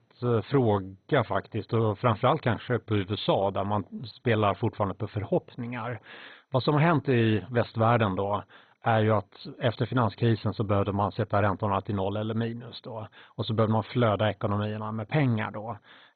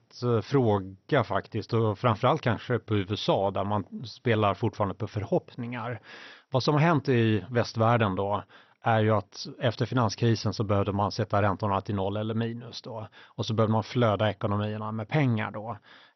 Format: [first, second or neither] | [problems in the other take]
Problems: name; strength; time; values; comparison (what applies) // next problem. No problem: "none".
second | garbled, watery; badly; nothing above 4 kHz; slightly in the second